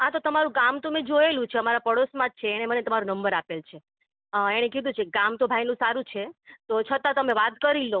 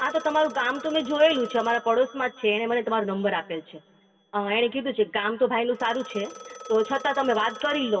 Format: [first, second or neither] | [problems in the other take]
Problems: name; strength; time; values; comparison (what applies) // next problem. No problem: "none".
first | background sound (Telephone); 18 dB below the speech // room echo; dies away in 1.3 s